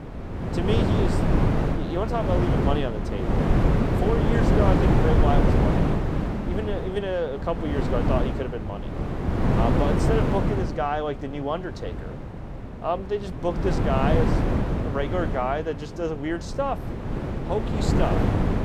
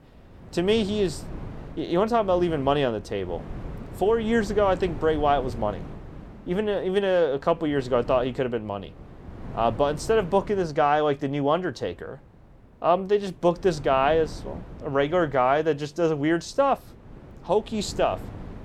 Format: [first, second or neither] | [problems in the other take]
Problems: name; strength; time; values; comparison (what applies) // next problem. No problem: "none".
second | wind noise on the microphone; heavy; as loud as the speech; occasional gusts in the second